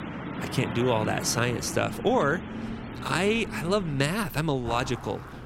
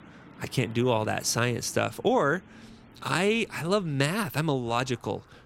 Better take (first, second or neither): second